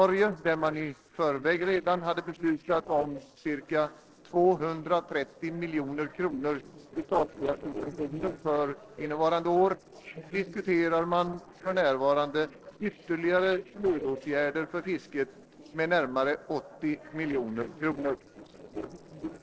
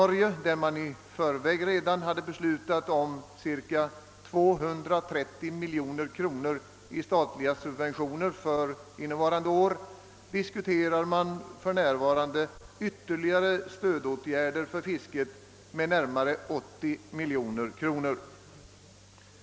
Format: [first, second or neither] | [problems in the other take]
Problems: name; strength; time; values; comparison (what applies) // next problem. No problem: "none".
second | noise reduction (neural separator model SepFormer DNS4)